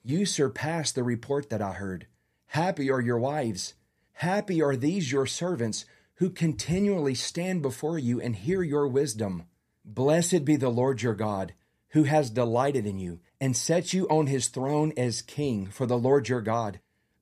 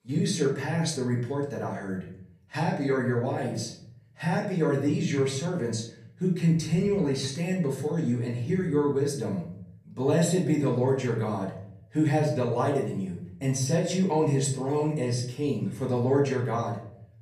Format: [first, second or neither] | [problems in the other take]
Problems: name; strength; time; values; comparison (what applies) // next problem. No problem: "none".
first | off-mic speech; far // room echo; slight; dies away in 0.6 s